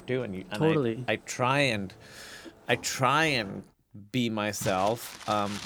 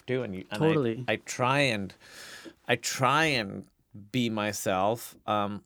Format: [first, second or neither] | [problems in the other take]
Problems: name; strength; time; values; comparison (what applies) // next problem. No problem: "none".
second | household noises; noticeable; throughout; 20 dB below the speech